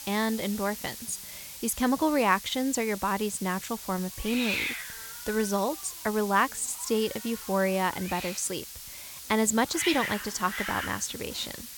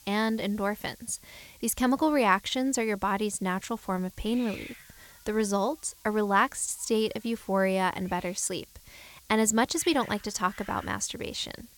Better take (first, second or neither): second